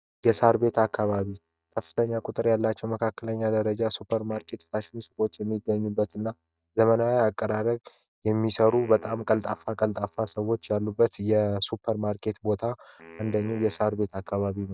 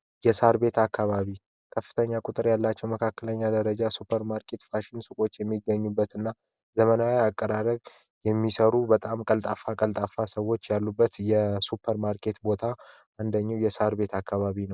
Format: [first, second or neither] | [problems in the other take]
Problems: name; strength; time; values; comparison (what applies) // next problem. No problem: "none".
second | noise reduction (neural mask model DeepFilterNet 3)